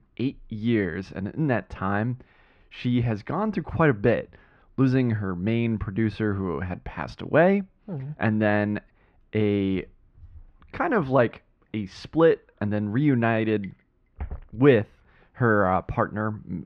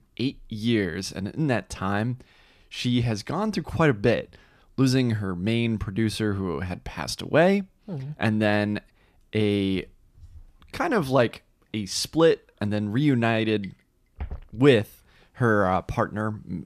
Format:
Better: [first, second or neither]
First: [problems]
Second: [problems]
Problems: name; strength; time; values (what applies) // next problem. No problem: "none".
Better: second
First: muffled; very; fading above 2 kHz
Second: none